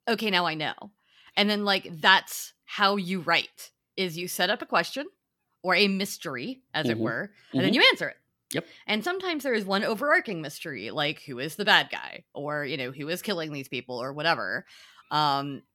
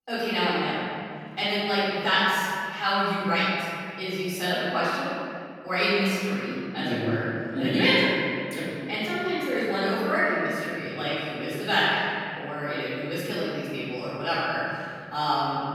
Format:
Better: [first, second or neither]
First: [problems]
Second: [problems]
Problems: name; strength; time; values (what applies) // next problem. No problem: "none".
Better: first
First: none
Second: room echo; strong; dies away in 2.5 s // off-mic speech; far